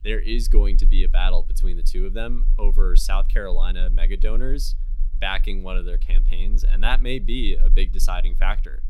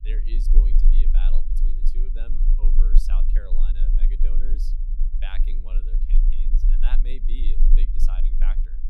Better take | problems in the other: first | low rumble; loud; throughout; 5 dB below the speech; faint in the first

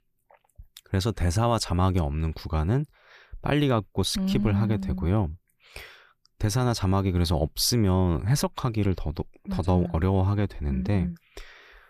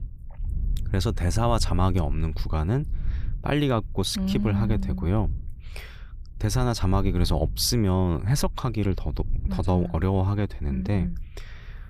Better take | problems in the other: first | low rumble; faint; throughout; 25 dB below the speech

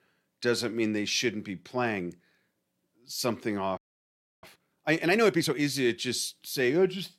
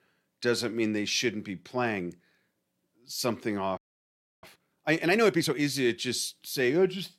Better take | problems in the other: neither | audio freezing; at 4 s for 0.5 s; the same in both

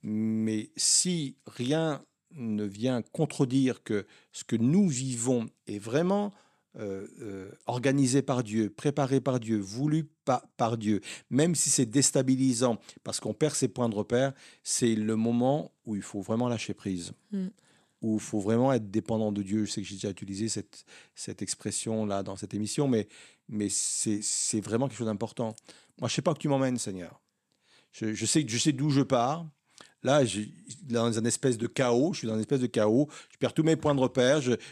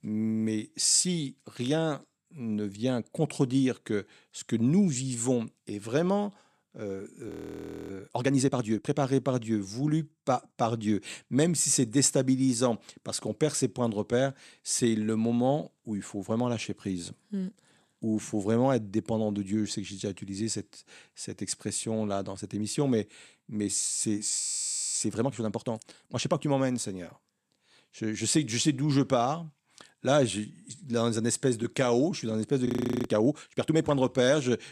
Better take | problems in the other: first | audio freezing; at 7.5 s for 0.5 s, at 24 s for 0.5 s and at 33 s

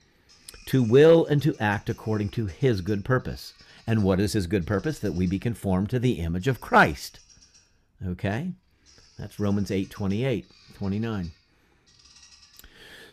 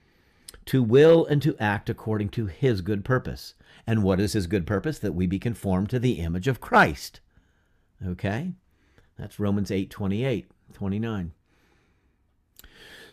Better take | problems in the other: second | animal sounds; faint; throughout; 30 dB below the speech

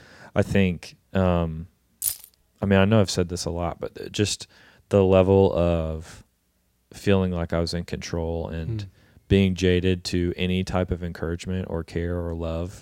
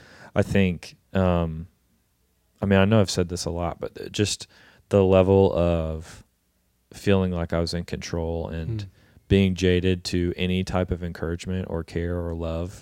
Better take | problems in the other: second | jangling keys; noticeable; at 2 s; peak 3 dB below the speech

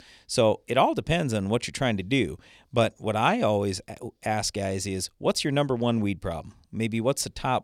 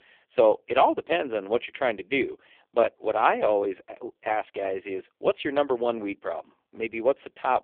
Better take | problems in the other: first | phone-call audio; poor line

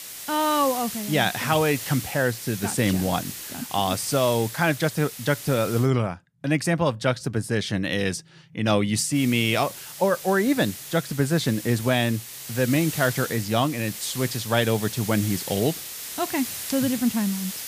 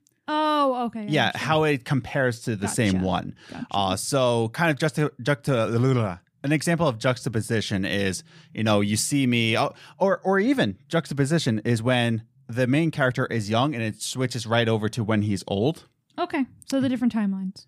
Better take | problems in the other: second | hiss; loud; until 6 s and from 9 s on; 9 dB below the speech

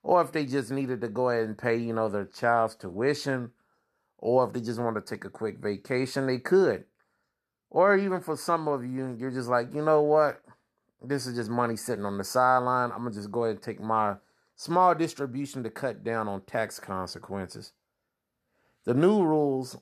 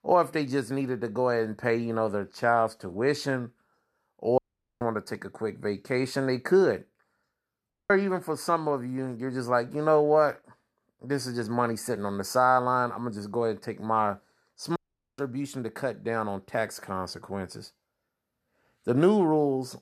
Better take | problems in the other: first | audio cutting out; at 4.5 s, at 7.5 s and at 15 s

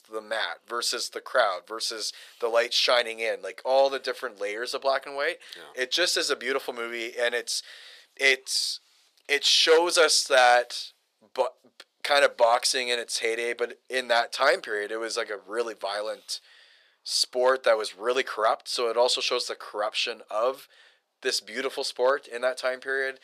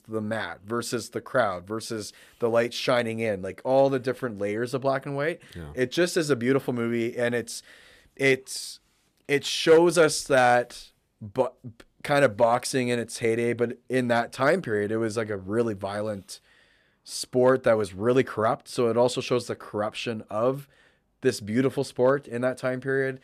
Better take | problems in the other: second | thin; very; fading below 500 Hz

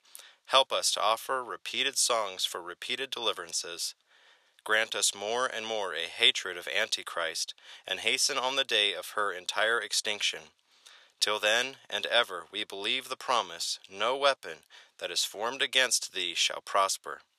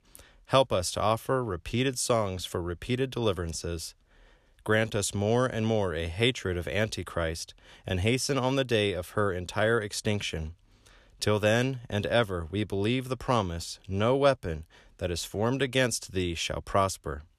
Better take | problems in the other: second | thin; very; fading below 750 Hz

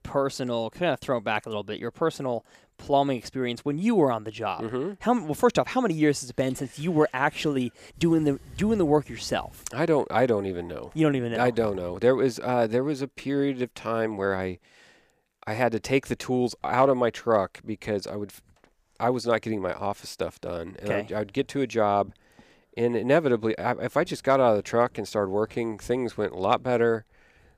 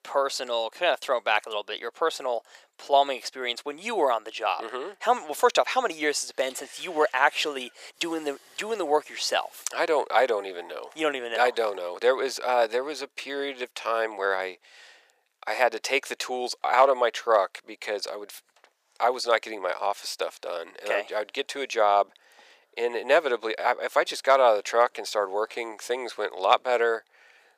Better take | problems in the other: first | thin; very; fading below 550 Hz

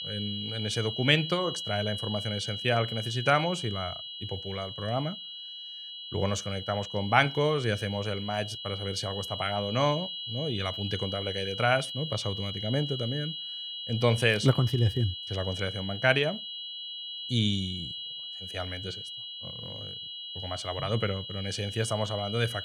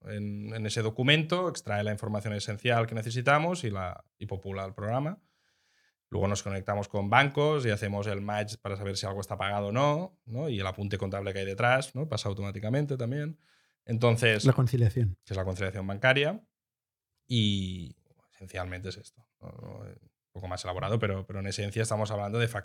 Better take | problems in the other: second | high-pitched whine; loud; throughout; 3 kHz, 6 dB below the speech

